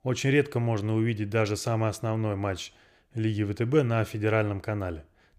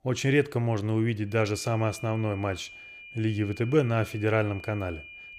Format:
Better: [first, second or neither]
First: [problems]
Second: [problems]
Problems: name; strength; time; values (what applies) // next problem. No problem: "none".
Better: first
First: none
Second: high-pitched whine; noticeable; from 1.5 s on; 2.5 kHz, 15 dB below the speech